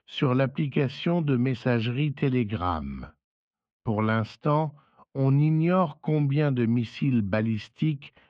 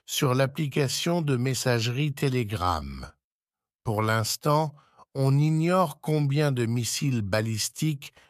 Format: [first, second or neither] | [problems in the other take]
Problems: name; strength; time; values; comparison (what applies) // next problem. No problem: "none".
second | muffled; very; fading above 3 kHz